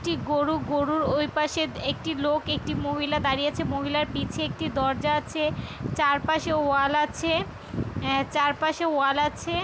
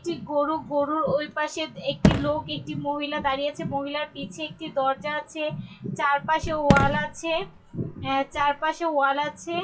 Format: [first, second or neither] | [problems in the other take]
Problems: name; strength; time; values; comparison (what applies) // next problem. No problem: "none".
first | noise reduction (classical method WPE with log-MMSE)